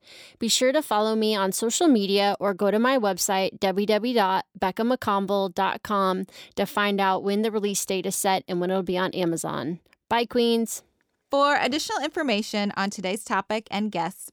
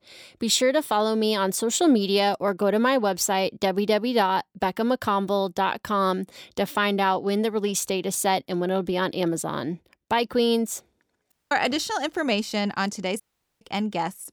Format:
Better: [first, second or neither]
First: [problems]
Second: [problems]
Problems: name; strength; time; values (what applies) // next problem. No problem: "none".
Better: first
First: none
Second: audio cutting out; at 11 s and at 13 s